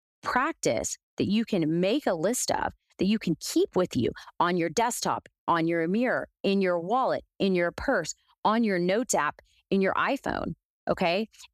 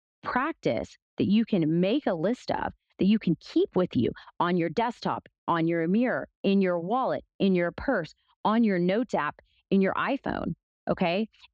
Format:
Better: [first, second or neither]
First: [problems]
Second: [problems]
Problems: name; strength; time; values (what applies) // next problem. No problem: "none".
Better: first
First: none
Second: muffled; slightly; fading above 3.5 kHz